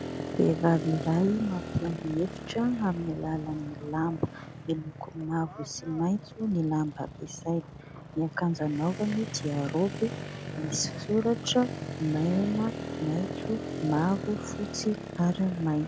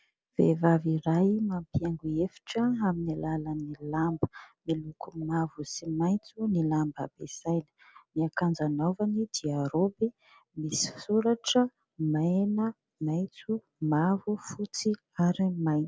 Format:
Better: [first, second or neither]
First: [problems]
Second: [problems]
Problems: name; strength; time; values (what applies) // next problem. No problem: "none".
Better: second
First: background sound (Motorcycle); 8 dB below the speech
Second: none